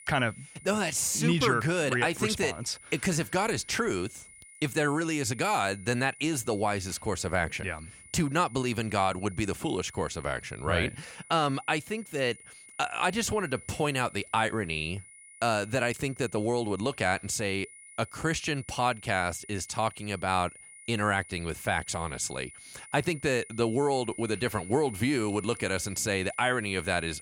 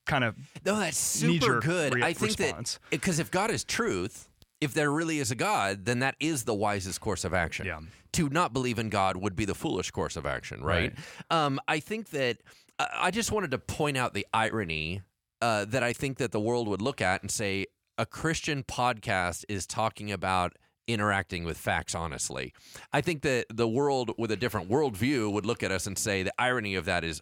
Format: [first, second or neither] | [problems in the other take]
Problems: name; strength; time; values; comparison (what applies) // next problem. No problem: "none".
second | high-pitched whine; noticeable; throughout; 9.5 kHz, 20 dB below the speech